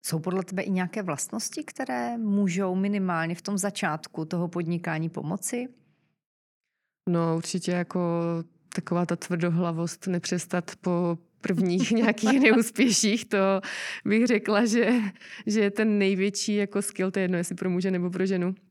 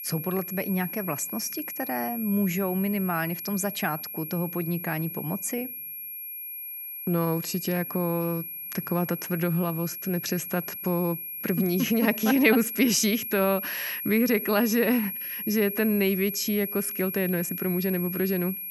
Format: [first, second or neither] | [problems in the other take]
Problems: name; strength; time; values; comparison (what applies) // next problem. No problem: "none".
first | high-pitched whine; loud; throughout; 11.5 kHz, 6 dB below the speech